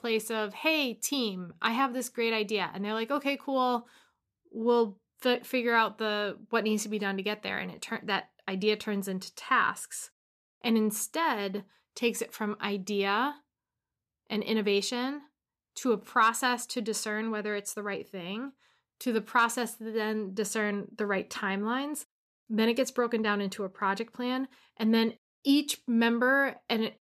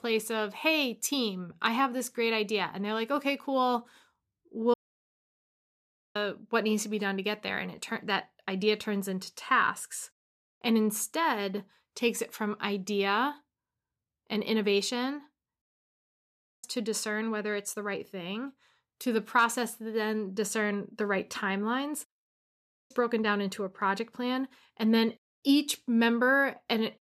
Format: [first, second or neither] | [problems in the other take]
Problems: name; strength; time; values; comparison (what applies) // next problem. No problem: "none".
first | audio cutting out; at 4.5 s for 1.5 s, at 16 s for 1 s and at 22 s